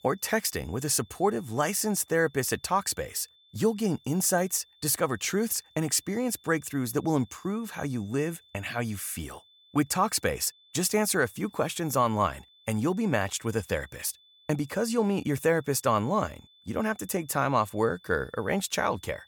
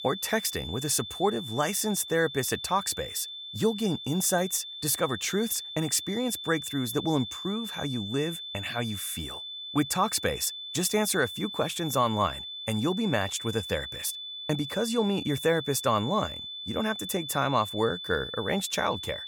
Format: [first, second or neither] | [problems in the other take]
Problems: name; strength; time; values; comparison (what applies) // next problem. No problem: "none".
first | high-pitched whine; loud; throughout; 3.5 kHz, 8 dB below the speech; faint in the first